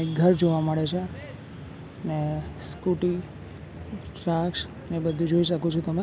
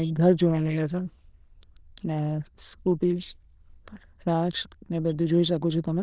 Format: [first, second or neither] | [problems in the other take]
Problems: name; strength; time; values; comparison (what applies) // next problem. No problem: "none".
first | noise reduction (neural diffusion model UNIVERSE++)